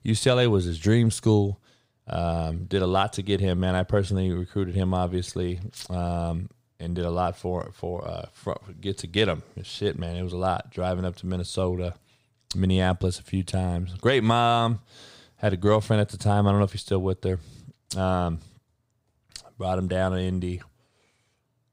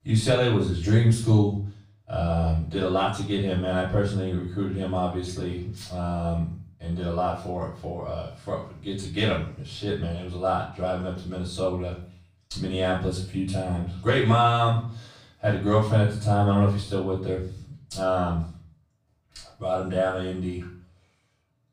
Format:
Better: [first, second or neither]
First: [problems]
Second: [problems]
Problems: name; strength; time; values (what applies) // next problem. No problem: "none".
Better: first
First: none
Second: off-mic speech; far // room echo; noticeable; dies away in 0.4 s